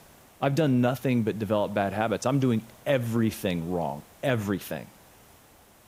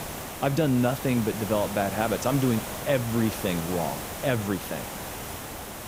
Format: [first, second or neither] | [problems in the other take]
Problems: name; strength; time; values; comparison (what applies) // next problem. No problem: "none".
first | hiss; loud; throughout; 7 dB below the speech; faint in the first